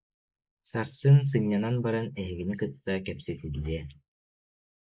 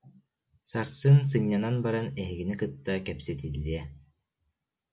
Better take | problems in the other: second | noise reduction (neural mask model Resemble Enhance denoiser)

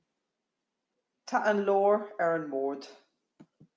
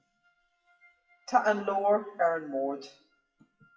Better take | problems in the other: first | noise reduction (classical method WPE with log-MMSE)

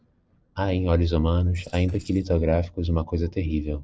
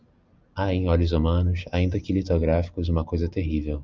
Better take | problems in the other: second | noise reduction (neural separator model SepFormer DNS4)

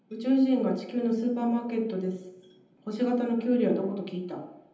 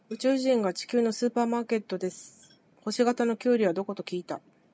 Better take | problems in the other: second | room echo; dies away in 0.9 s

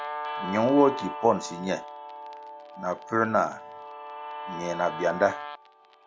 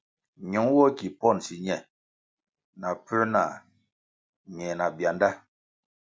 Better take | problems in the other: second | background sound (Guitar); 9 dB below the speech

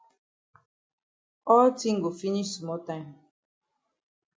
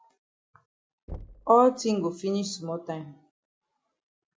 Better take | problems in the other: first | background sound (Knock / Wood); 19 dB below the speech

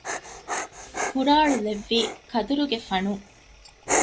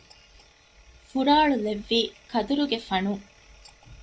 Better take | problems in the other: second | background sound (Dog); 6 dB below the speech

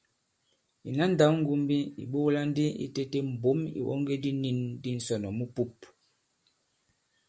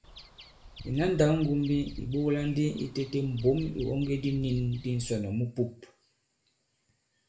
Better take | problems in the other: first | background sound (Bird vocalization, bird call, bird song); 15 dB below the speech // room echo; dies away in 0.4 s

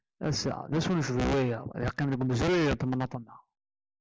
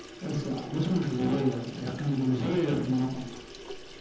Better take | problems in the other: first | background sound (Sink (filling or washing) / Water tap, faucet); 14 dB below the speech // room echo; dies away in 0.8 s

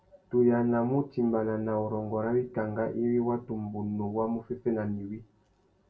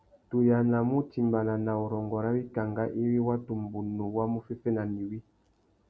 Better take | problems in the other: second | room echo; dies away in 0.2 s

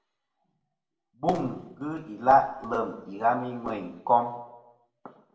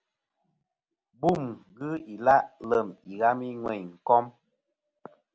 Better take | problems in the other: second | room echo; dies away in 0.6 s

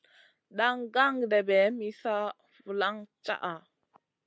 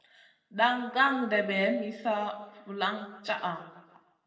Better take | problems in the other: first | room echo; dies away in 0.8 s

